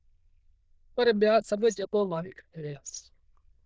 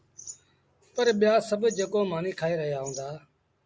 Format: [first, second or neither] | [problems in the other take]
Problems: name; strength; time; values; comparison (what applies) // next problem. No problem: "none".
second | noise reduction (neural diffusion model UNIVERSE++)